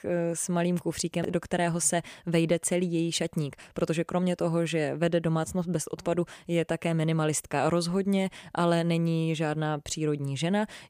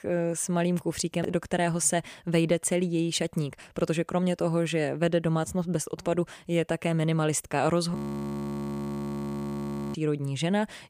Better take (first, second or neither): first